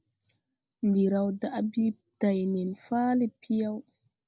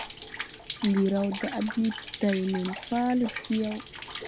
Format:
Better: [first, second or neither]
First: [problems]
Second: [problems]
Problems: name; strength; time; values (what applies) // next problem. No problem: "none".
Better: first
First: none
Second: background sound (Rain); 11 dB below the speech